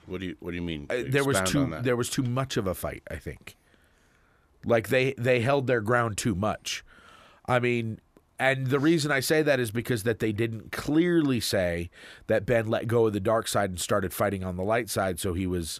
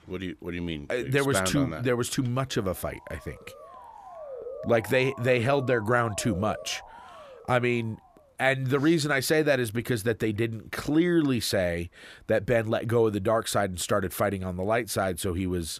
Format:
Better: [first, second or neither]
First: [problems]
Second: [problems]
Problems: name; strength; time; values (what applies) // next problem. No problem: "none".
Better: first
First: none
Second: siren; faint; from 2.5 to 8 s; peak 10 dB below the speech